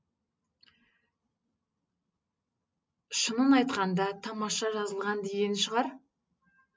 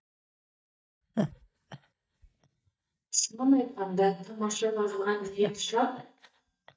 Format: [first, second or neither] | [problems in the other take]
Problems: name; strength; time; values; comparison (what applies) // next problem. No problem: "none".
first | noise reduction (neural mask model DeepFilterNet 3)